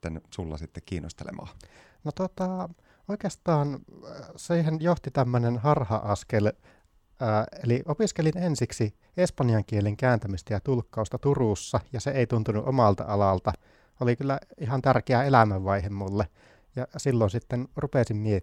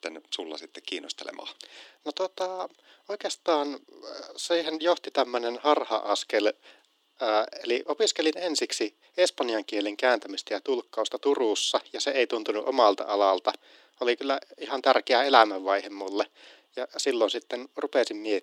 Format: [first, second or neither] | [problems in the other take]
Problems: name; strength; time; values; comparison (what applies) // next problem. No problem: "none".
first | thin; very; fading below 300 Hz